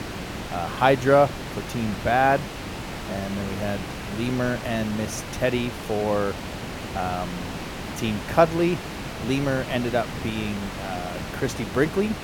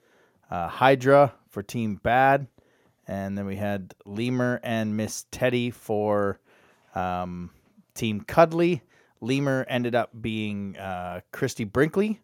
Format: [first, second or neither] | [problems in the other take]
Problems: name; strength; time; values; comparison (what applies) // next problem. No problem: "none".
second | hiss; loud; throughout; 8 dB below the speech